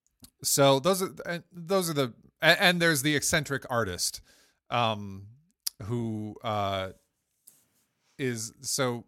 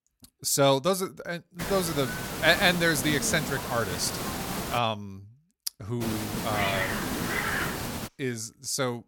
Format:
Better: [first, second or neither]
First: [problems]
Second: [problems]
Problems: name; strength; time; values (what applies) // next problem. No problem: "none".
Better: first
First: none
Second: hiss; loud; from 1.5 to 5 s and from 6 to 8 s; 4 dB below the speech